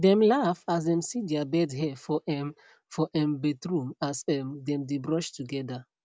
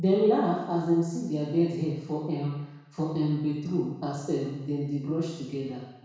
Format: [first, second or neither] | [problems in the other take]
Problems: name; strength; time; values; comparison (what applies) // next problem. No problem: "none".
first | room echo; dies away in 1.1 s